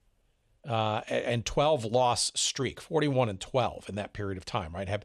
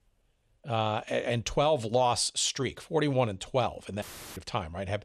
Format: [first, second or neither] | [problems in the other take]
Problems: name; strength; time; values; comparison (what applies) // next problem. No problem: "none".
first | audio cutting out; filled with static; at 4 s